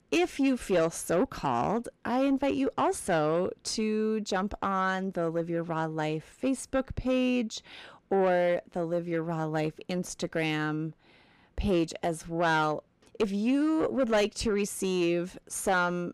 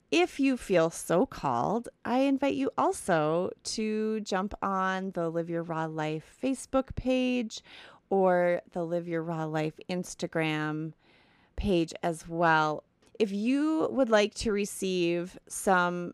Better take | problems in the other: second | distortion; slight; 10 dB below the speech

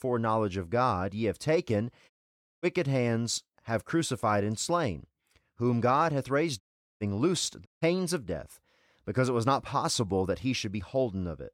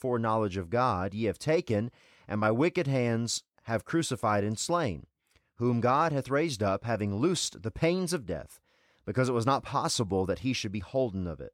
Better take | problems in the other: second | audio cutting out; at 2 s for 0.5 s, at 6.5 s and at 7.5 s

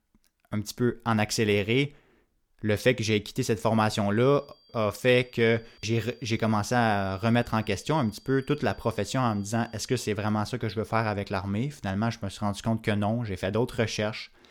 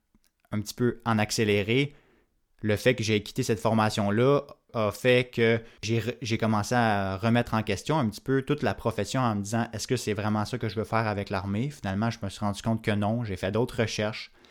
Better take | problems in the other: second | high-pitched whine; faint; from 4 to 10 s; 4.5 kHz, 30 dB below the speech

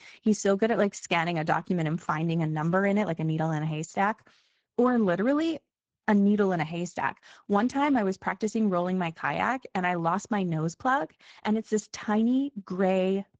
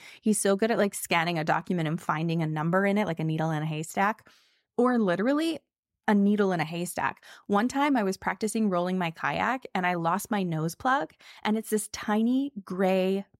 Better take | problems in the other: second | garbled, watery; slightly

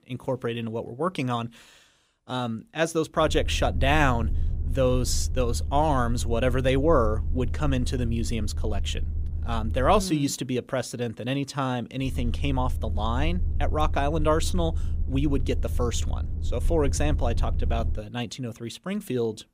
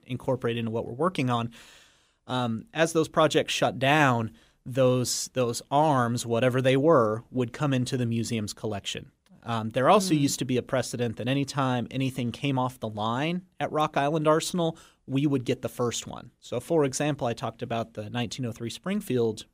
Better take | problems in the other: second | low rumble; noticeable; from 3 to 10 s and from 12 to 18 s; 20 dB below the speech

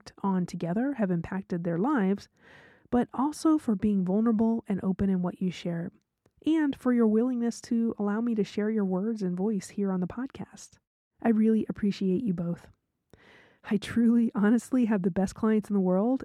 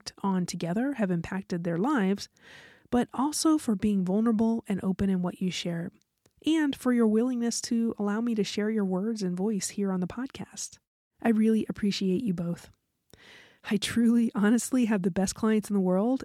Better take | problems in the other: second | muffled; slightly; fading above 2.5 kHz

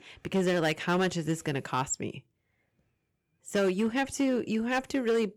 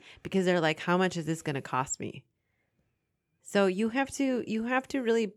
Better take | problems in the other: second | distortion; slight; 6% of the sound clipped

